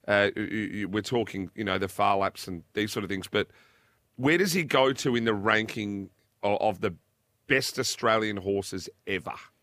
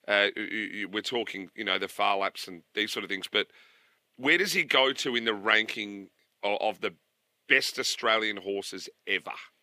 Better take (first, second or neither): first